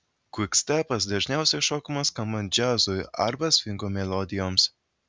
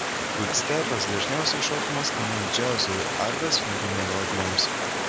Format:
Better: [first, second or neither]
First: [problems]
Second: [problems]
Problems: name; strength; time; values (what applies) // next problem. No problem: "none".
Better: first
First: none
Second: background sound (Stream); 1 dB above the speech